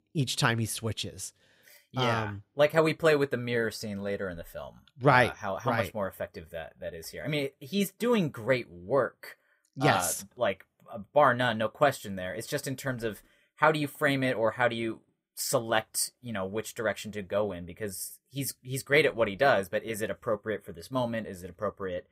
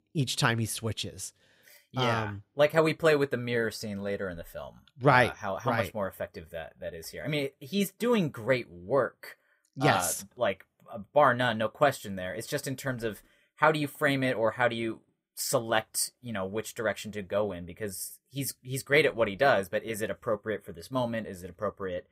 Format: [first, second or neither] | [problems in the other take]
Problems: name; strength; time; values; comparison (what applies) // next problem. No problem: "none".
neither | none